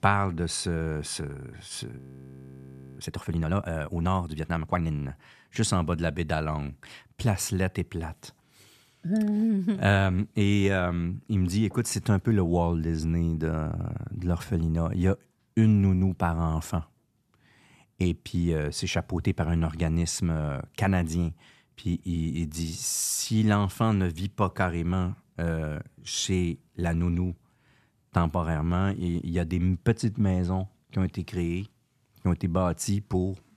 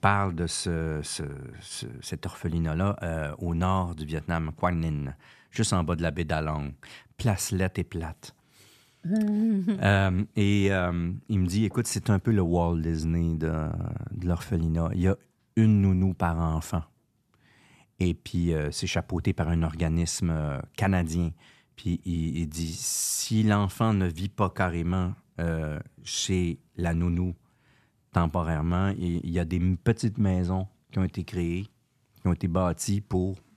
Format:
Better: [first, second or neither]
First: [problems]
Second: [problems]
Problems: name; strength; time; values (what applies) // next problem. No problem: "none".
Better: second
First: audio freezing; at 2 s for 1 s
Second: none